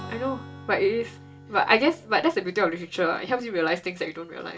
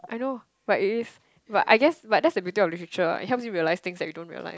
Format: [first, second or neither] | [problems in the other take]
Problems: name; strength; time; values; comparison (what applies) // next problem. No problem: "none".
second | background sound (Strum); 19 dB below the speech // room echo; dies away in 0.2 s